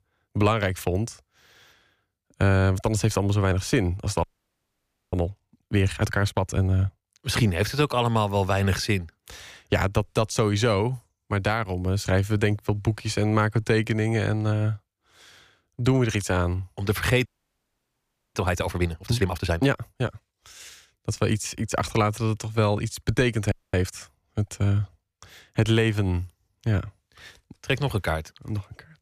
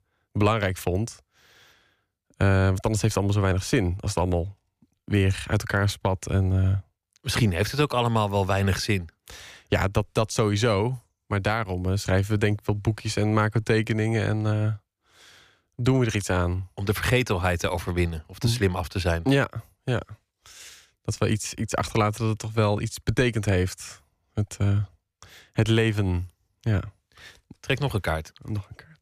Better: second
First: audio freezing; at 4 s for 1 s, at 17 s for 1 s and at 24 s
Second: none

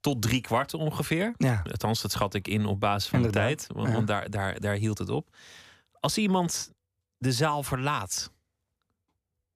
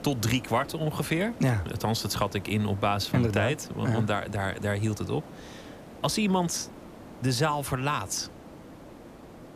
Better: first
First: none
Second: hiss; noticeable; throughout; 15 dB below the speech

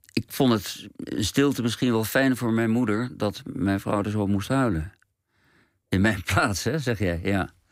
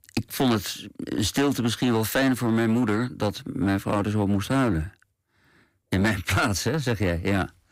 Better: first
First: none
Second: distortion; slight; 9% of the sound clipped

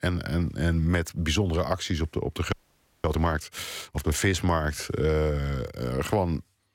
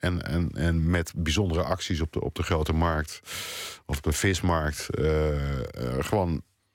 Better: second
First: audio freezing; at 2.5 s for 0.5 s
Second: none

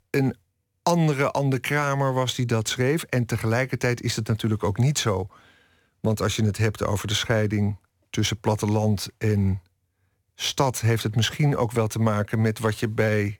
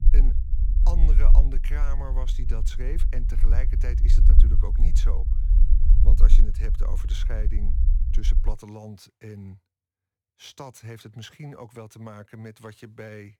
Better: first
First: none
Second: low rumble; loud; until 8.5 s; 4 dB below the speech

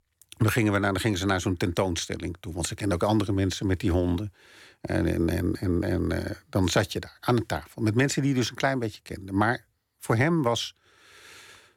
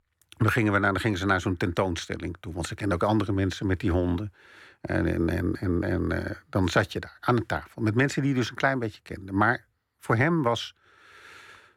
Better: first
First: none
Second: muffled; very slightly; fading above 4 kHz

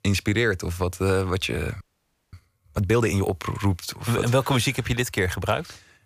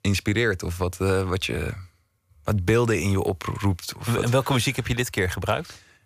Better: second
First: audio freezing; at 2 s for 0.5 s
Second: none

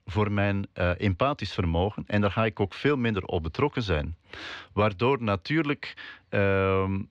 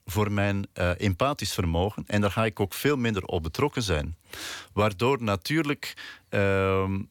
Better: second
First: muffled; slightly; fading above 3.5 kHz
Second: none

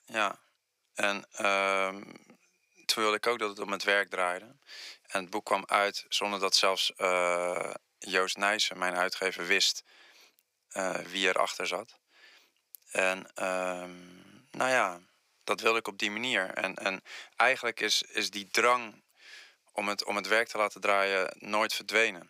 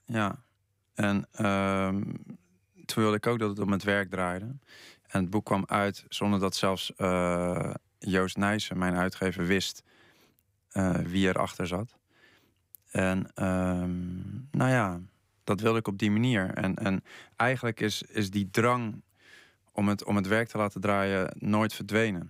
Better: second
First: thin; very; fading below 600 Hz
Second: none

